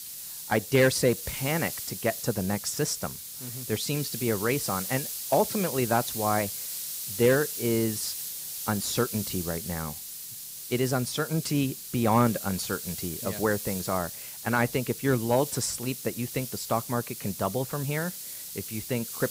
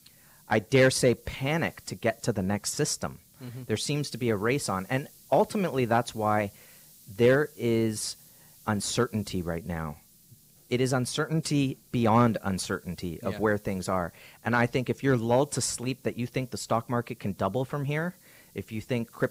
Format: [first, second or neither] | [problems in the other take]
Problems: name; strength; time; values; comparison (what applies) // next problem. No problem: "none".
second | hiss; loud; throughout; 6 dB below the speech; faint in the second